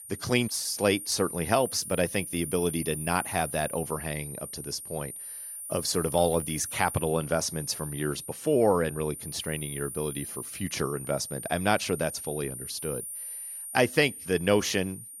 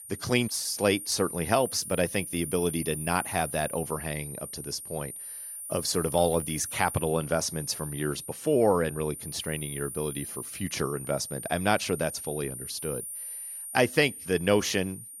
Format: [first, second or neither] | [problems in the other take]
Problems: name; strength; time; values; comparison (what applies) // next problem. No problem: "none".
neither | high-pitched whine; loud; throughout; 9.5 kHz, 8 dB below the speech; the same in both